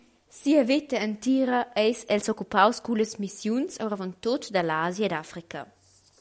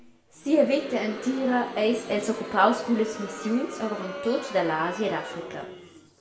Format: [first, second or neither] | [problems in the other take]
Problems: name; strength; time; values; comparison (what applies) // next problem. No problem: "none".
first | background sound (Crowd); 11 dB below the speech // room echo; dies away in 0.6 s